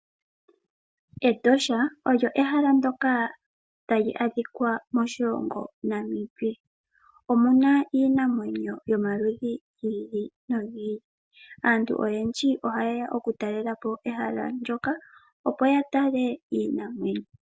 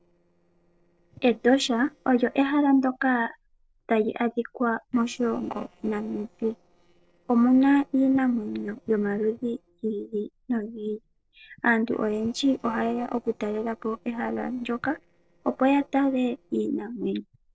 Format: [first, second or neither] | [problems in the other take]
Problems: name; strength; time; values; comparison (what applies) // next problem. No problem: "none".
first | noise reduction (neural separator model SepFormer DNS4)